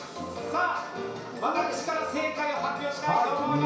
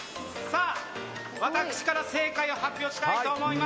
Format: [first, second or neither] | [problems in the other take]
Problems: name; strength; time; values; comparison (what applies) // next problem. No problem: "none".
second | room echo; dies away in 0.6 s